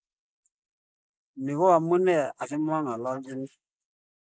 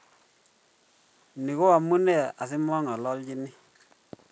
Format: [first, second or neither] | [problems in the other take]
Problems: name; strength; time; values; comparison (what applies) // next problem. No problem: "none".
second | noise reduction (neural mask model Resemble Enhance denoiser)